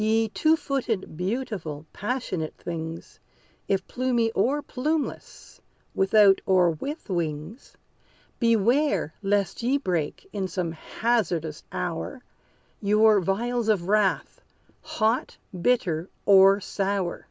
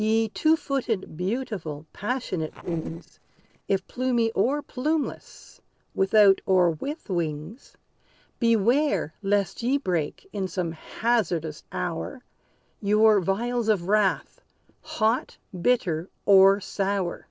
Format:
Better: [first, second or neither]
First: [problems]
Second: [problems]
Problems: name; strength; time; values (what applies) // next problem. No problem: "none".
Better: first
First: none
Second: noise reduction (neural separator model SepFormer DNS4)